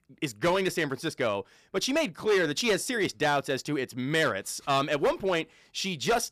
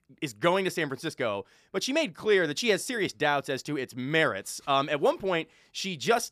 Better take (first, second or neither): second